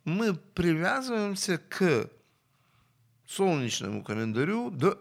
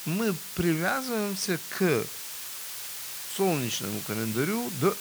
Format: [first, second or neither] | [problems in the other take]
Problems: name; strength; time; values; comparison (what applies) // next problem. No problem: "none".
first | hiss; loud; throughout; 6 dB below the speech